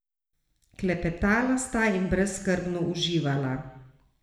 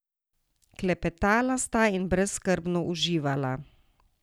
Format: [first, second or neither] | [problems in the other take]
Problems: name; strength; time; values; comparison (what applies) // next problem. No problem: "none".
second | room echo; dies away in 0.8 s